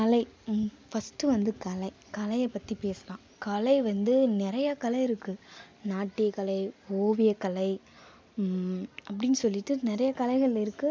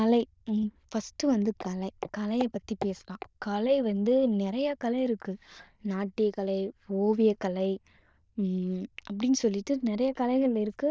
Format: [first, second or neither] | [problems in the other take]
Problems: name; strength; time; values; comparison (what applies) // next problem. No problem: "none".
first | noise reduction (neural diffusion model UNIVERSE++)